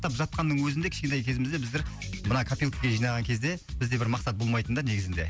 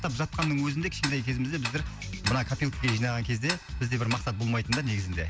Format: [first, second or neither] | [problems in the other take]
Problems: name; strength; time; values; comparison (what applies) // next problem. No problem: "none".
first | background sound (Tick-tock); 10 dB below the speech